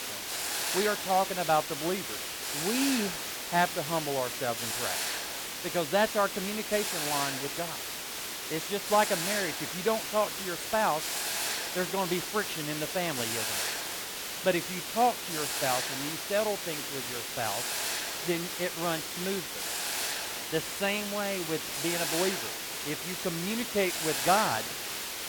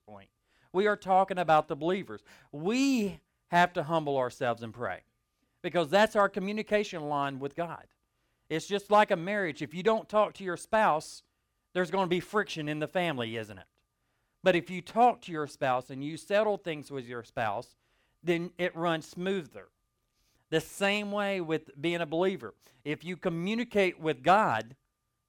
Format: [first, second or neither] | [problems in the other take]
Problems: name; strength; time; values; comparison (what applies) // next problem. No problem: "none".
second | hiss; loud; throughout; 1 dB below the speech